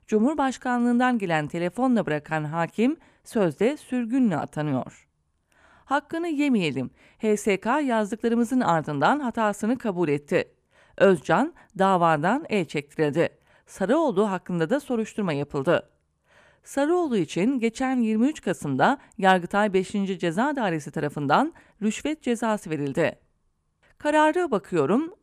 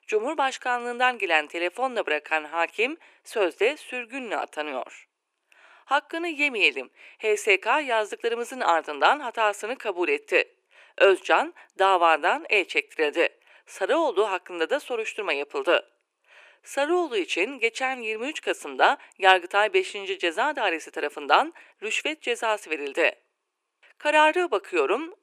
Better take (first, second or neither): first